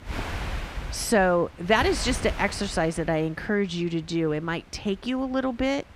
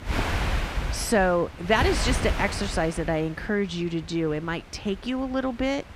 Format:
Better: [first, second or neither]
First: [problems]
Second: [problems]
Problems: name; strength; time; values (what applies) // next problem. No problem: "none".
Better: first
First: wind noise on the microphone; occasional gusts; 10 dB below the speech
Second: wind noise on the microphone; heavy; 6 dB below the speech